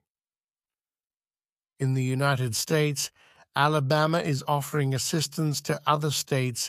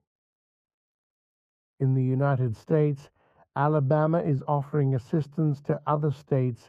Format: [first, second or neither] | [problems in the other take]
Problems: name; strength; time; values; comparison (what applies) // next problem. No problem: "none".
first | muffled; very; fading above 2 kHz